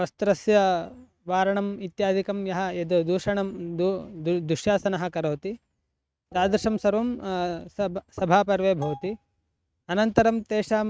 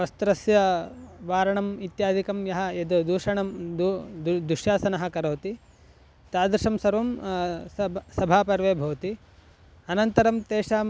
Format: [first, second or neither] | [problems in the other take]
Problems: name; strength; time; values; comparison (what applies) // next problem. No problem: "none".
second | noise reduction (neural mask model RNNoise)